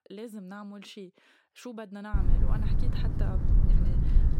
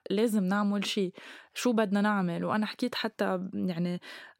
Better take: second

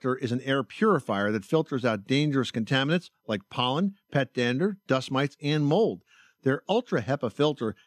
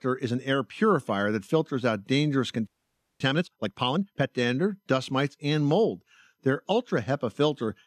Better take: first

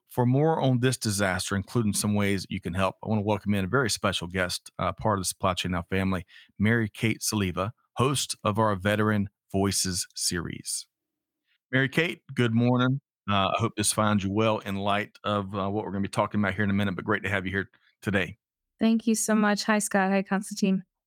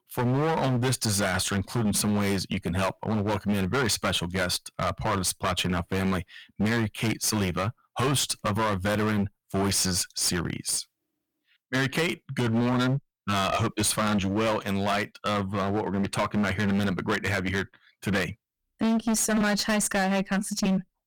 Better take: first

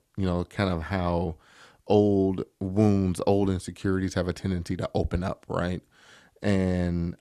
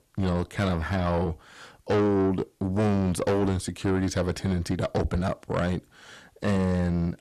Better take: first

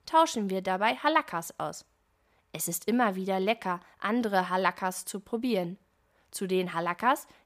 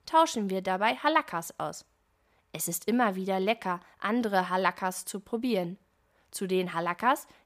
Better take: neither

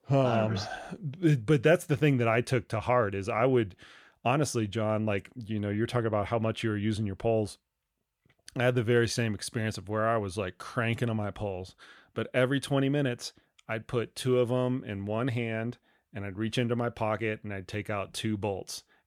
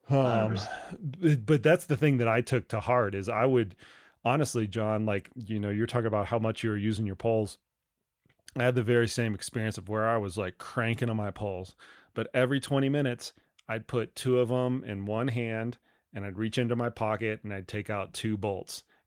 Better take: first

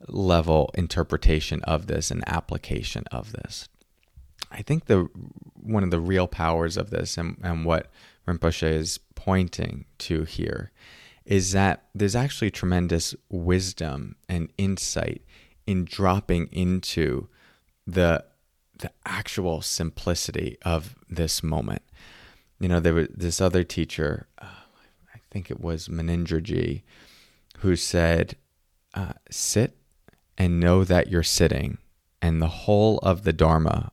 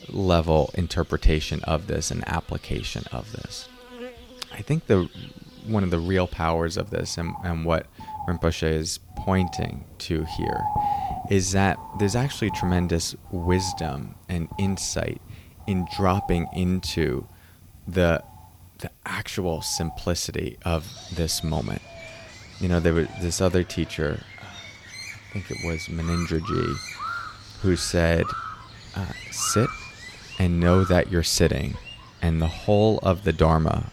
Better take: first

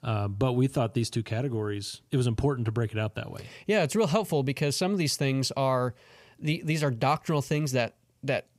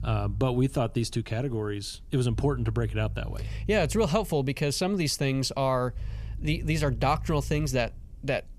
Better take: first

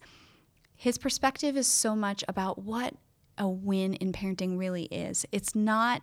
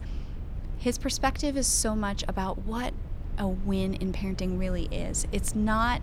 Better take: first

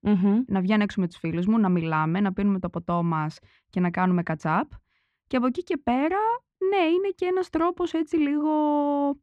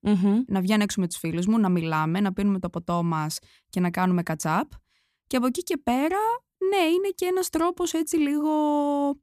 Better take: second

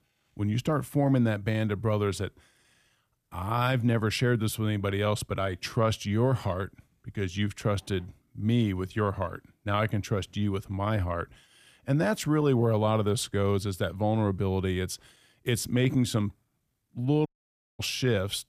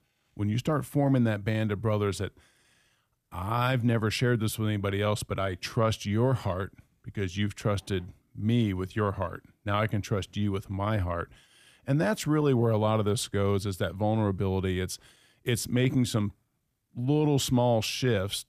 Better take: second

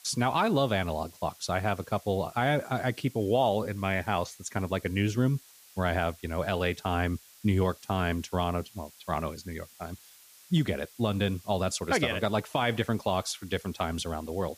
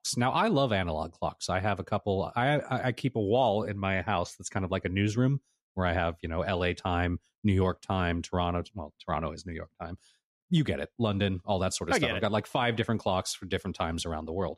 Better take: second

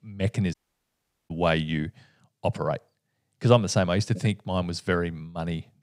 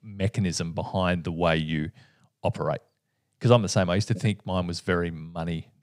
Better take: second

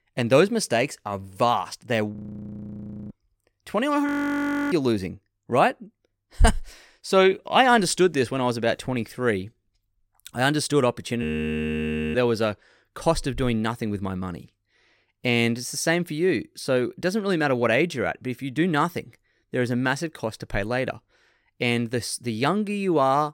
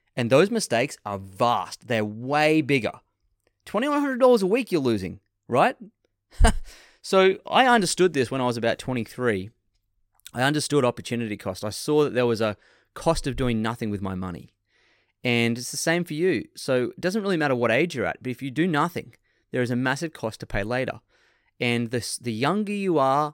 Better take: second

